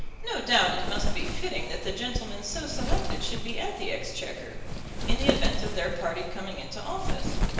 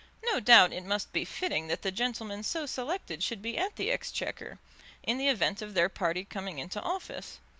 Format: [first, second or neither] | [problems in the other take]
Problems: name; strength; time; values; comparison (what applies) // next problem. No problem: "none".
second | background sound (Wind); 3 dB above the speech // room echo; dies away in 1 s